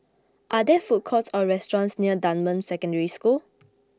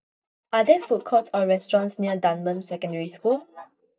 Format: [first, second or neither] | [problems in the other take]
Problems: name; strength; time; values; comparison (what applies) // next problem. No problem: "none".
first | noise reduction (neural mask model DeepFilterNet 3)